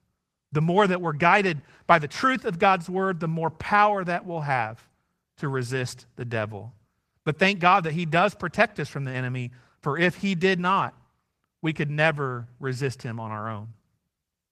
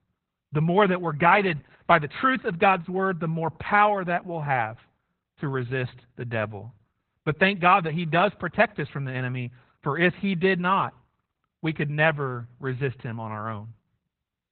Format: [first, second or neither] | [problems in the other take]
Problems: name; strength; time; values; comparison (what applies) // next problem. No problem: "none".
first | garbled, watery; badly; nothing above 4 kHz; slightly in the first